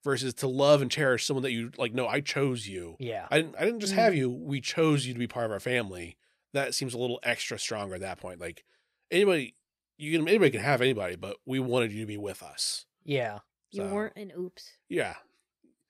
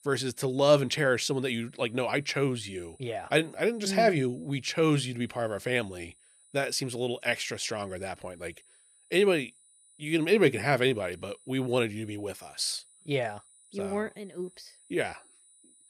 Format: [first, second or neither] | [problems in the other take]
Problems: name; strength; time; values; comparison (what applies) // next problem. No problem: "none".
first | high-pitched whine; faint; throughout; 9.5 kHz, 30 dB below the speech